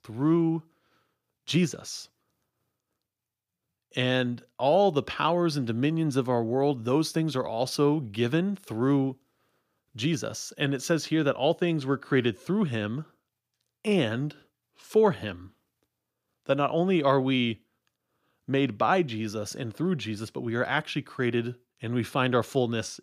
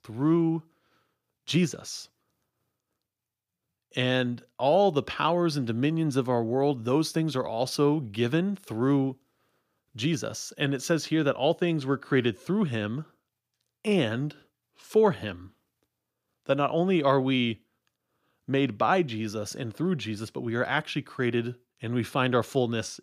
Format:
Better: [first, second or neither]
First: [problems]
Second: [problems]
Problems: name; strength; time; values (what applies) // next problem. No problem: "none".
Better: neither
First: none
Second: none